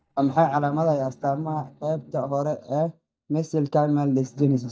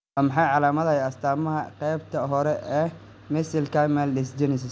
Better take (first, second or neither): second